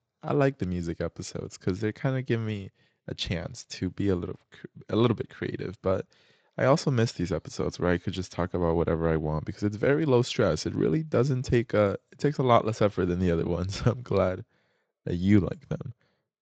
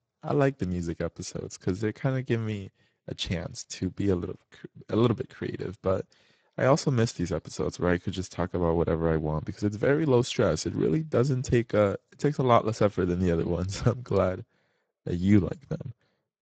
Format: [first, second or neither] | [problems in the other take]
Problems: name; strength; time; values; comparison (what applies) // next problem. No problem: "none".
first | garbled, watery; badly; nothing above 7.5 kHz; slightly in the first